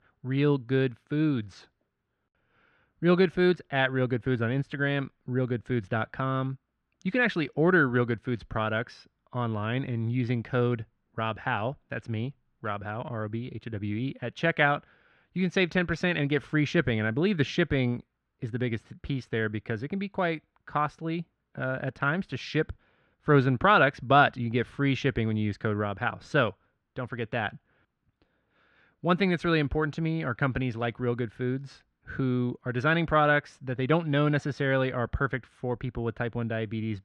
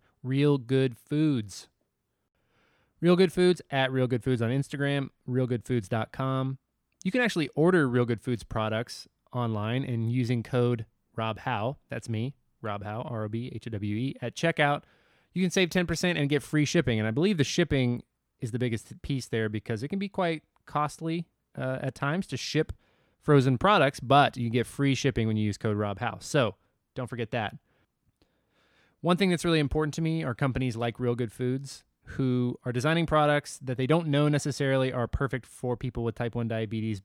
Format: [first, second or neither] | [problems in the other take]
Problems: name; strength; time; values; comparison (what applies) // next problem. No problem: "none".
second | muffled; slightly; fading above 3 kHz